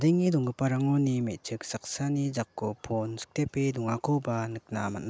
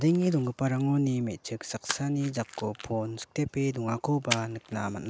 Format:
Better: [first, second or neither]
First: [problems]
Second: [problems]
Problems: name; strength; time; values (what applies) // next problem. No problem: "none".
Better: first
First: none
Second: background sound (Splash, splatter); 13 dB below the speech